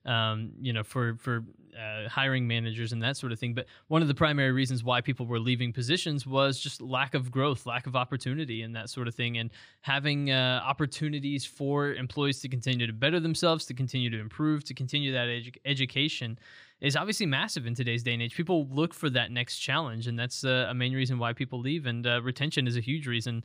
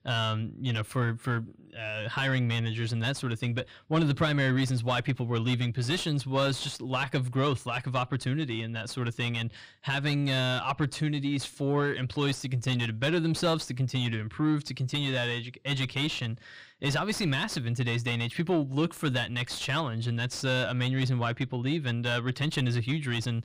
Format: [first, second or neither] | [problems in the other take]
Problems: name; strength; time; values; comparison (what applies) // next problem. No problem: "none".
first | distortion; slight; 9 dB below the speech